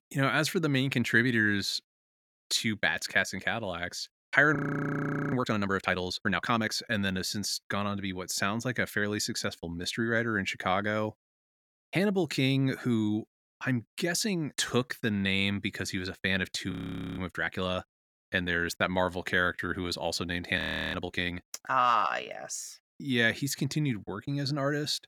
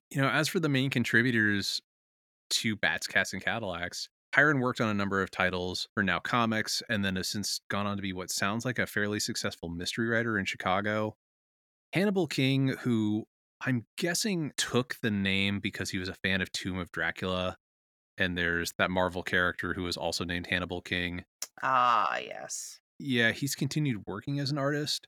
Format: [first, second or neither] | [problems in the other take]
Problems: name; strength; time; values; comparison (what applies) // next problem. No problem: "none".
second | audio freezing; at 4.5 s for 1 s, at 17 s and at 21 s